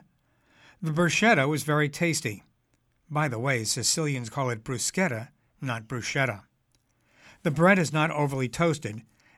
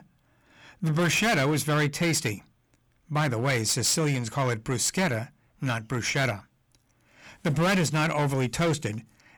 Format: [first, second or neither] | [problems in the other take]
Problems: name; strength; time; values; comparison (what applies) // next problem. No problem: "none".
first | distortion; heavy; 12% of the sound clipped